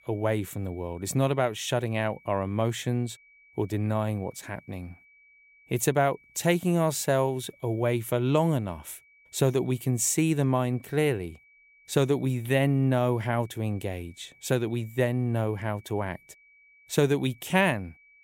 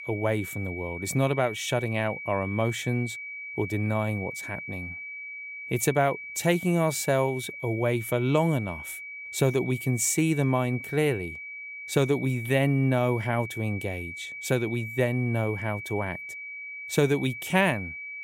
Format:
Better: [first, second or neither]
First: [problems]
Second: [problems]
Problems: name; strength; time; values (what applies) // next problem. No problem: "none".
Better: first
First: high-pitched whine; faint; throughout; 2.5 kHz, 30 dB below the speech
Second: high-pitched whine; loud; throughout; 2.5 kHz, 9 dB below the speech